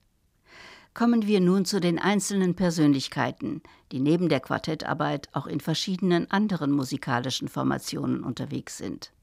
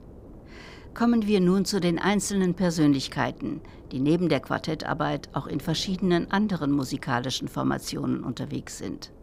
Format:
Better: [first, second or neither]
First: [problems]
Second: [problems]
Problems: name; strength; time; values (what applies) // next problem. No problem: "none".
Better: first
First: none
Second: wind noise on the microphone; occasional gusts; 25 dB below the speech